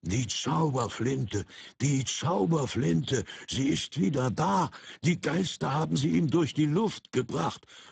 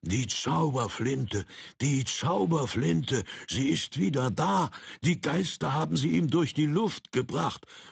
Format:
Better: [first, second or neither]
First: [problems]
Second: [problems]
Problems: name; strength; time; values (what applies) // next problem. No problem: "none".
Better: second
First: garbled, watery; badly; nothing above 7.5 kHz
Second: garbled, watery; slightly; nothing above 7.5 kHz